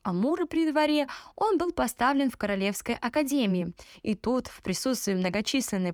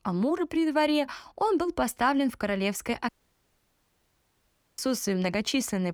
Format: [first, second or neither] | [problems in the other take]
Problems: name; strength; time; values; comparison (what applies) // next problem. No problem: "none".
first | audio cutting out; at 3 s for 1.5 s